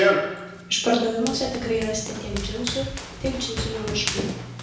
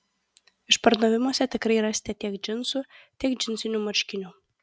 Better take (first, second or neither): second